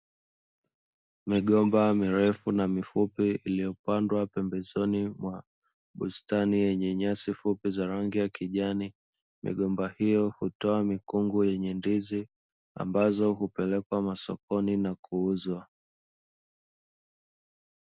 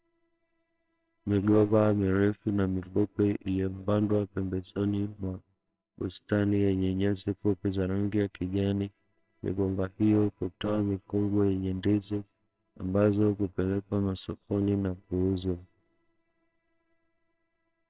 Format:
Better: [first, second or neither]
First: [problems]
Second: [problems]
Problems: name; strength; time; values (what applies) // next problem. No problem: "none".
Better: first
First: none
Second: noise reduction (neural separator model SepFormer WHAMR!)